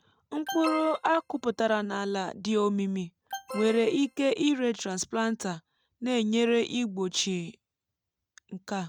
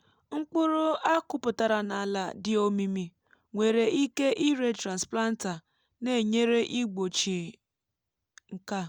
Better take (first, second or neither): second